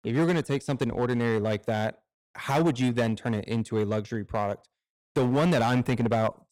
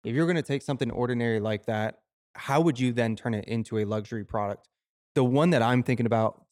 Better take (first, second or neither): second